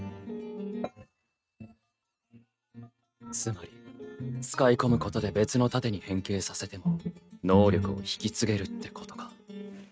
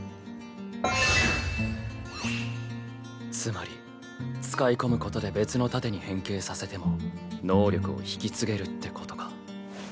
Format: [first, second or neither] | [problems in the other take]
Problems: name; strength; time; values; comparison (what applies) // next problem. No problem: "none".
second | noise reduction (neural mask model RNNoise)